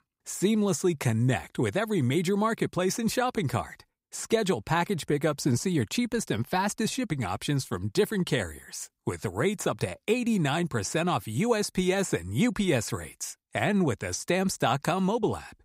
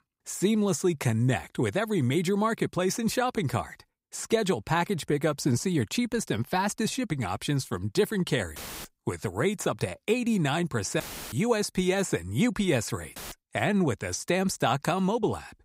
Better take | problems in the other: first | audio cutting out; filled with static; at 8.5 s, at 11 s and at 13 s

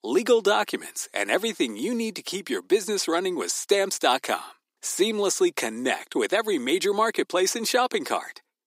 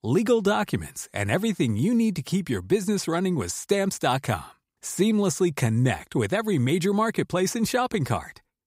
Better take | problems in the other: second | thin; somewhat; fading below 300 Hz

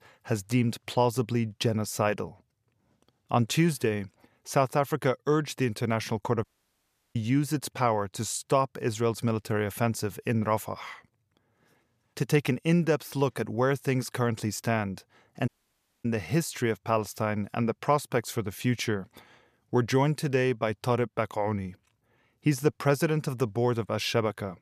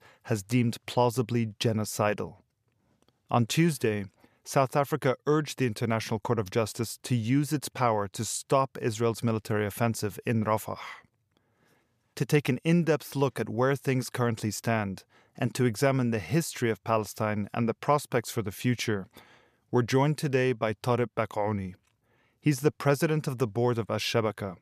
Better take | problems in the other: second | audio cutting out; at 6.5 s for 0.5 s and at 15 s for 0.5 s

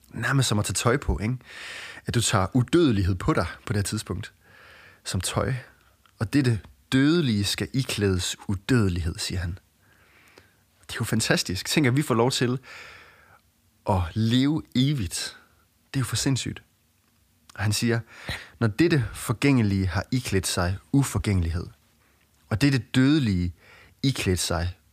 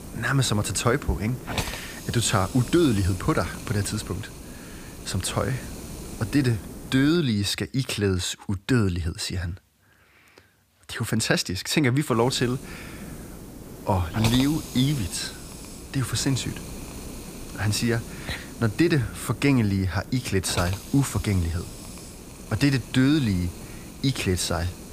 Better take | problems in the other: first | hiss; noticeable; until 7 s and from 12 s on; 10 dB below the speech

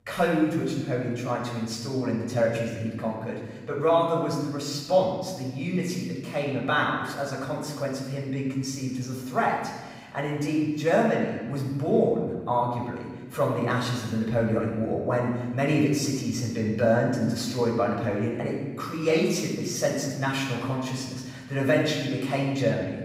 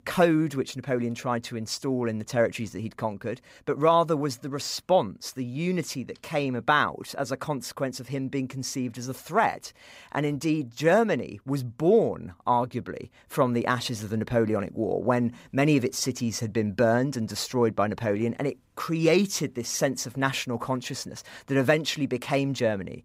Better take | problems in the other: second | off-mic speech; far // room echo; noticeable; dies away in 1.3 s

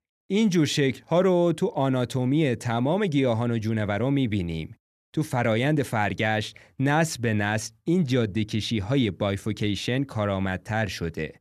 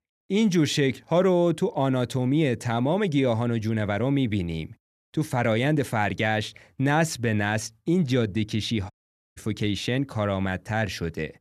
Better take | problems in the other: first | audio cutting out; at 9 s

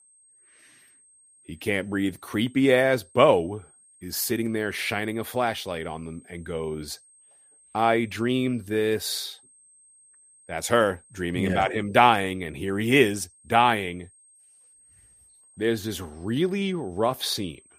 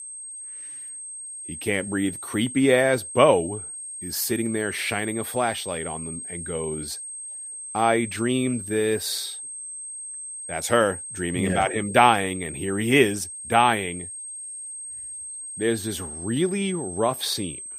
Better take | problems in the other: first | high-pitched whine; loud; throughout; 8.5 kHz, 9 dB below the speech; faint in the first

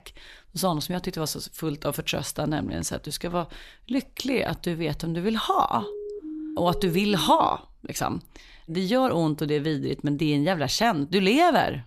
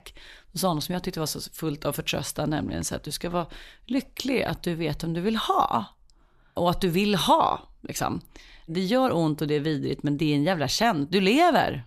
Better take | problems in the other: second | siren; noticeable; from 6 to 7.5 s; peak 9 dB below the speech

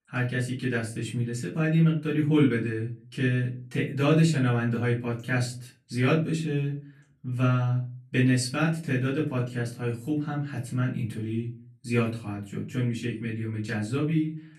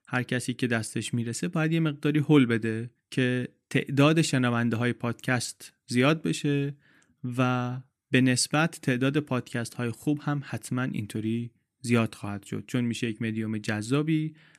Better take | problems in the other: second | room echo; slight; dies away in 0.4 s // off-mic speech; far

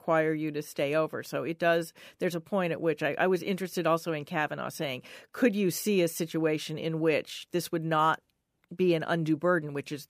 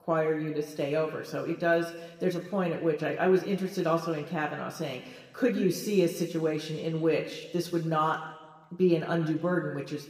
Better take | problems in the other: first | room echo; slight; dies away in 1.2 s // off-mic speech; somewhat distant

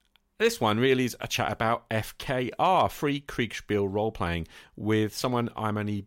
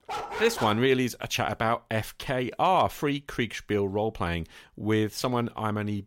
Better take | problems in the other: first | dog barking; noticeable; at the start; peak 6 dB below the speech

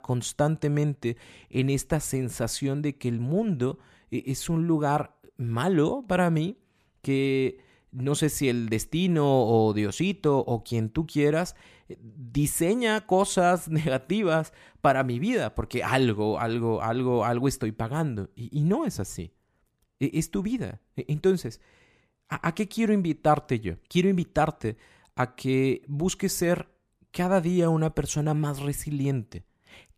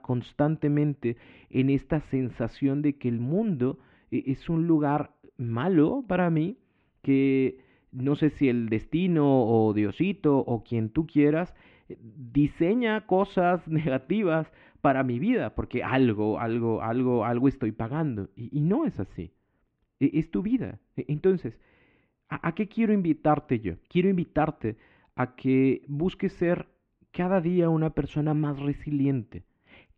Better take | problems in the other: first | muffled; very; fading above 2.5 kHz

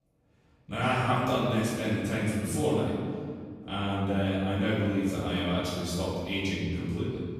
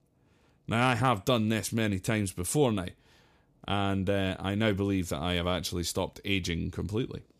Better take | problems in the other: second | off-mic speech; far // room echo; strong; dies away in 1.9 s

